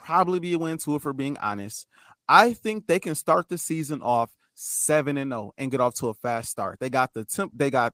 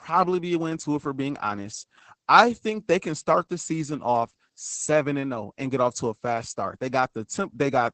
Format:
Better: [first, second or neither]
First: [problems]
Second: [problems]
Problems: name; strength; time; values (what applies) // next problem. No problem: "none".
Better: first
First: garbled, watery; slightly; nothing above 15.5 kHz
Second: garbled, watery; badly; nothing above 8 kHz